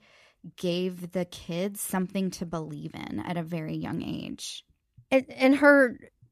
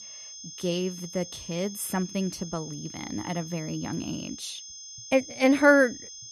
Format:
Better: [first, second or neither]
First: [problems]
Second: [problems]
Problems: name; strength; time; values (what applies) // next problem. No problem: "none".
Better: first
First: none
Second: high-pitched whine; noticeable; throughout; 6.5 kHz, 15 dB below the speech